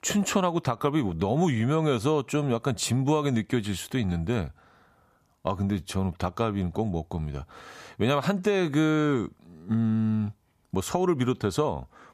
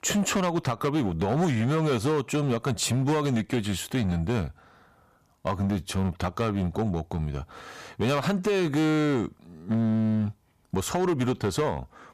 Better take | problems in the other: first | distortion; slight; 12% of the sound clipped

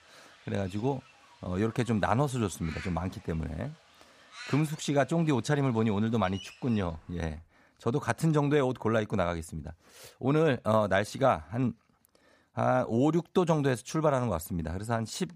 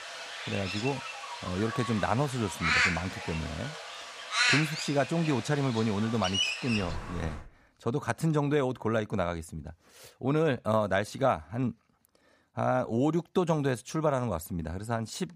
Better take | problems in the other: first | animal sounds; loud; until 7.5 s; 1 dB below the speech; faint in the first

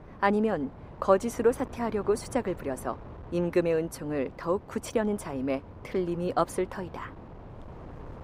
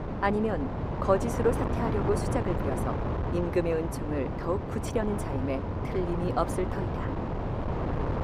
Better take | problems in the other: first | wind noise on the microphone; heavy; 4 dB below the speech; occasional gusts in the first

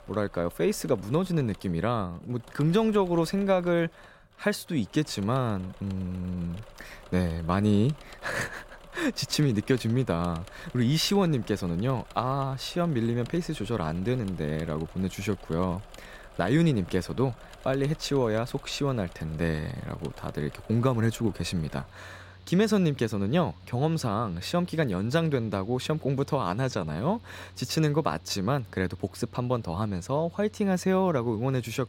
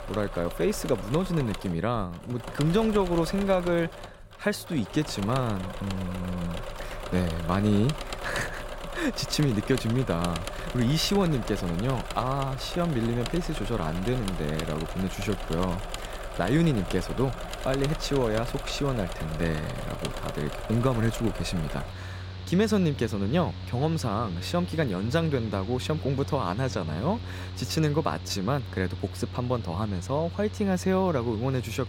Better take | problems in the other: first | machinery noise; loud; throughout; 9 dB below the speech; faint in the first

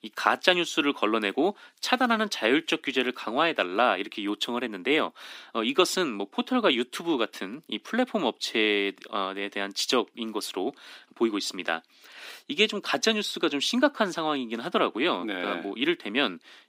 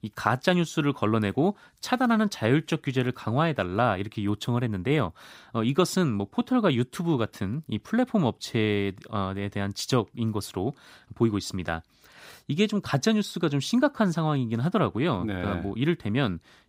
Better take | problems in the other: second | thin; somewhat; fading below 250 Hz

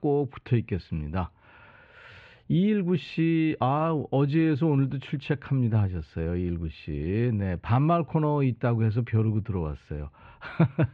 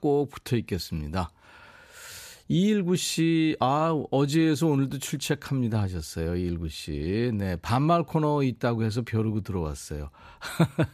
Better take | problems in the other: second | muffled; very; fading above 3 kHz

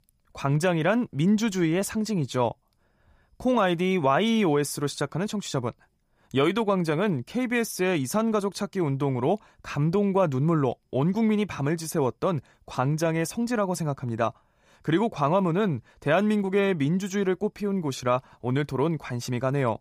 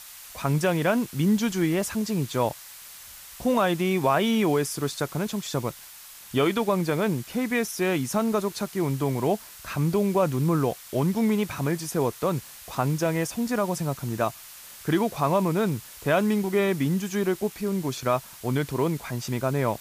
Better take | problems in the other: first | hiss; noticeable; throughout; 15 dB below the speech

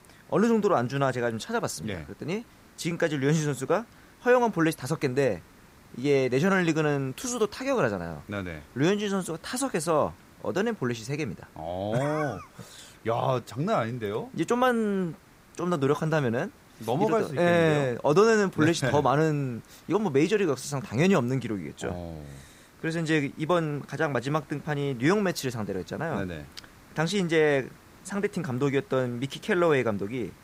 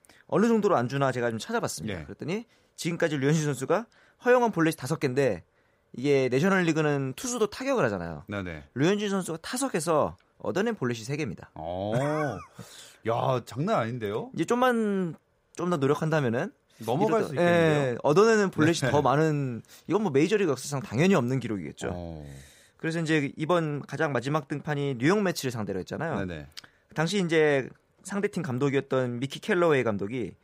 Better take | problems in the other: second | hiss; faint; throughout; 25 dB below the speech

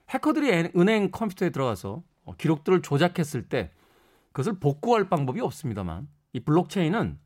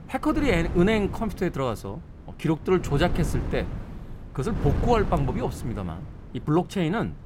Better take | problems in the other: first | wind noise on the microphone; occasional gusts; 15 dB below the speech

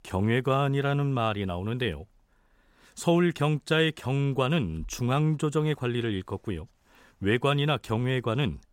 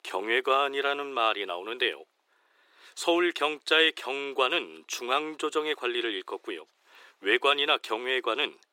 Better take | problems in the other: first | thin; very; fading below 350 Hz

